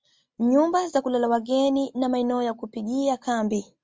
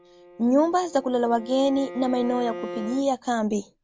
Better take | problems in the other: first | background sound (Bowed string instrument); 14 dB below the speech

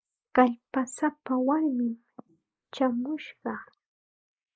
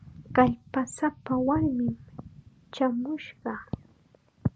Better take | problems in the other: second | noise reduction (neural mask model Resemble Enhance denoiser)

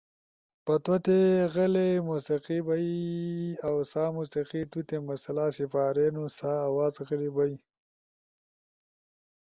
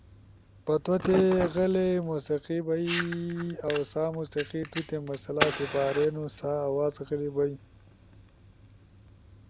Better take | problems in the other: first | background sound (Fire); 9 dB below the speech

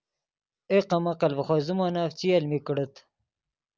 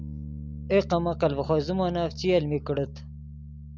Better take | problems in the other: first | background sound (Bass guitar); 11 dB below the speech

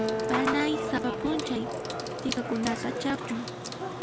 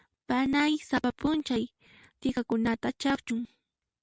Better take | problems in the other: second | background sound (Sink (filling or washing) / Water tap, faucet / Water + Acoustic guitar); as loud as the speech

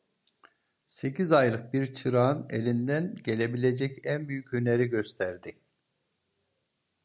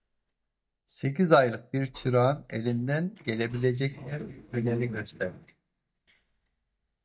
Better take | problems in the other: first | noise reduction (neural mask model DeepFilterNet 3)

